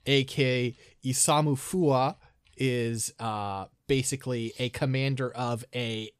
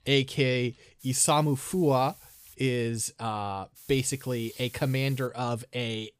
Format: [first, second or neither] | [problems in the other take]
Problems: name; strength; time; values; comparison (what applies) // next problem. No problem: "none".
first | hiss; faint; from 1 to 2.5 s and from 4 to 5.5 s; 20 dB below the speech